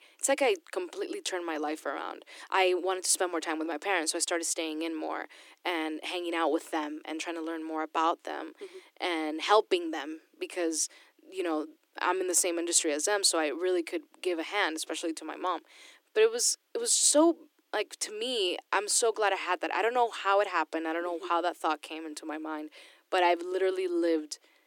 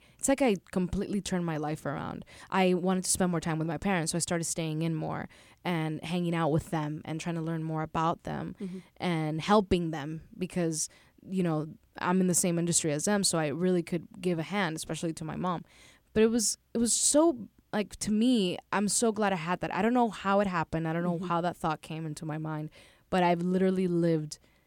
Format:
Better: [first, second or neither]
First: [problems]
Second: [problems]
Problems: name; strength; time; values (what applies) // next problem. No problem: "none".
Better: second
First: thin; very; fading below 300 Hz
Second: none